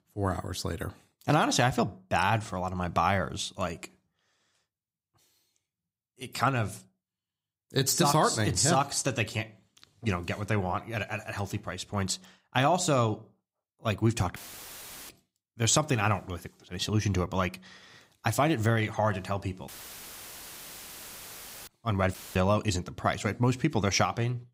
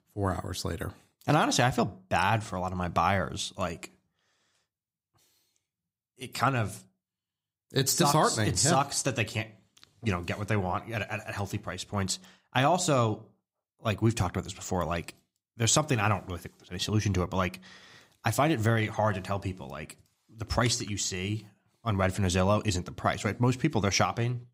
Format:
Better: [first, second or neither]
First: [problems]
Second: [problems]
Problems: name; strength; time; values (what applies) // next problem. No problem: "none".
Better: second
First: audio cutting out; filled with static; at 14 s for 0.5 s, at 20 s for 2 s and at 22 s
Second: none